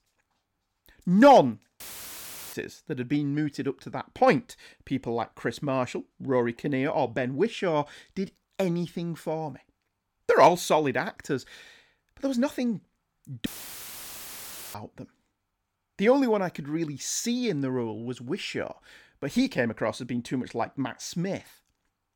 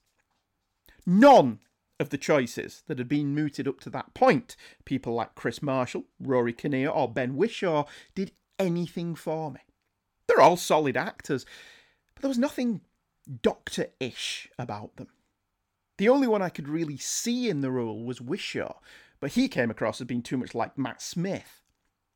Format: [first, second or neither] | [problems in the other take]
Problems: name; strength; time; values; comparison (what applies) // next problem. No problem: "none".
second | audio cutting out; filled with static; at 2 s for 0.5 s and at 13 s for 1.5 s